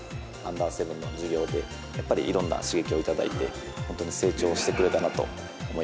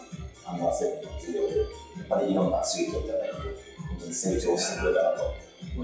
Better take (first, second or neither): first